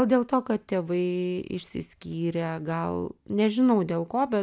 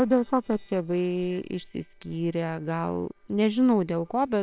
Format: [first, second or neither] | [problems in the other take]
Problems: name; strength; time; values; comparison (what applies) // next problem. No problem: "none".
first | noise reduction (neural separator model SepFormer WHAM!)